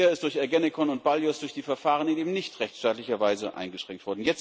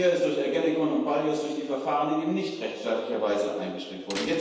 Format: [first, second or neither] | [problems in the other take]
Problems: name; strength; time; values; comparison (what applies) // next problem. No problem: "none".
first | background sound (Slam); 20 dB below the speech // room echo; dies away in 1.2 s